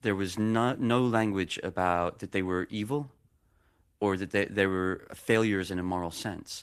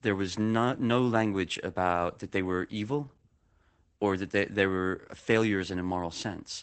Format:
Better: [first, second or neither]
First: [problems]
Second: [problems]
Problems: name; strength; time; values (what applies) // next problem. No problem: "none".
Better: first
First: garbled, watery; slightly; nothing above 14.5 kHz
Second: garbled, watery; badly; nothing above 8 kHz